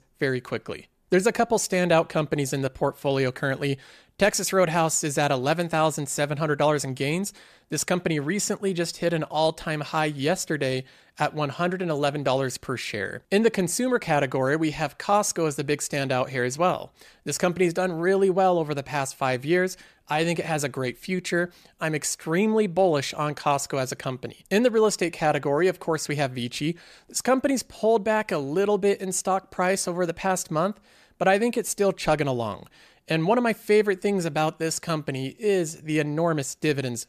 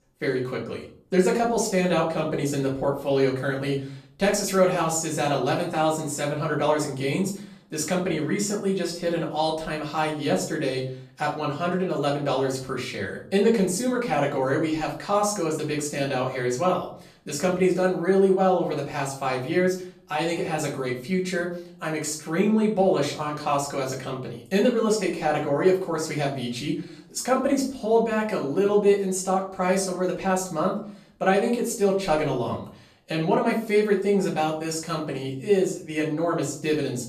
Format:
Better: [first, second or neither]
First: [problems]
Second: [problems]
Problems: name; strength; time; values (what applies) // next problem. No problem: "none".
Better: first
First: none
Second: off-mic speech; far // room echo; slight; dies away in 0.4 s